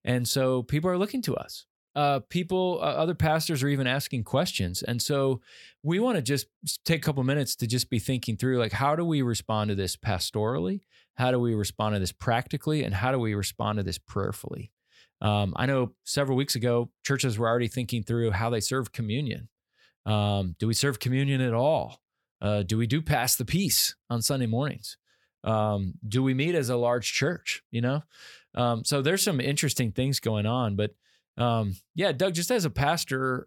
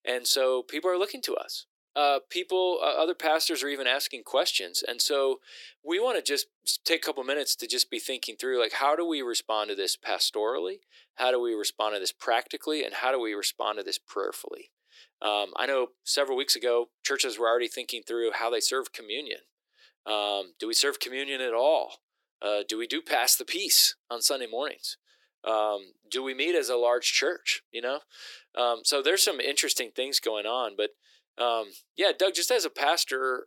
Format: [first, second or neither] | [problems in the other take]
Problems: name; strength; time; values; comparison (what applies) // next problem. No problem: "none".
first | thin; very; fading below 300 Hz